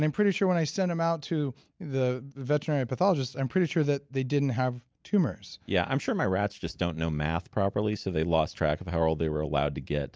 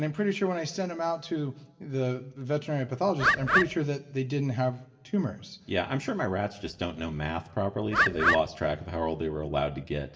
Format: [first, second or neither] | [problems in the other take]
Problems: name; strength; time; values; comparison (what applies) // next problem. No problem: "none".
first | background sound (Bird); 5 dB above the speech // room echo; dies away in 1.7 s